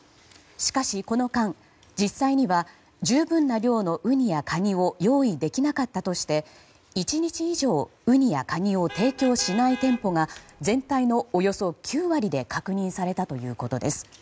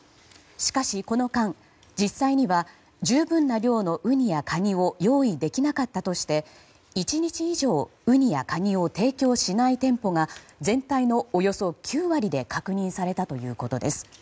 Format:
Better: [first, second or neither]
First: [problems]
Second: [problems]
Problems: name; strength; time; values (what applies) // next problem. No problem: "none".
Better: second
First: background sound (Vehicle horn, car horn, honking); 16 dB below the speech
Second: none